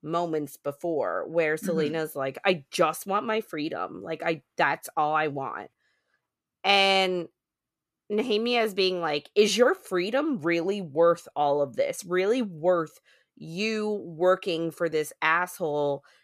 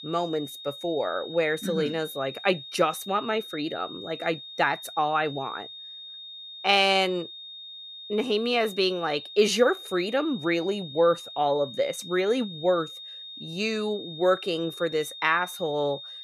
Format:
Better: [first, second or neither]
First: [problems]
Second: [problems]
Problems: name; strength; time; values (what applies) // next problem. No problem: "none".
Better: first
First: none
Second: high-pitched whine; noticeable; throughout; 3.5 kHz, 10 dB below the speech